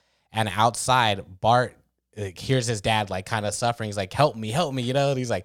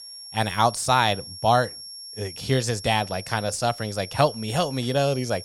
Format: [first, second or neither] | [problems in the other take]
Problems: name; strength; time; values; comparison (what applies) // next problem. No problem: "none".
first | high-pitched whine; noticeable; throughout; 5.5 kHz, 15 dB below the speech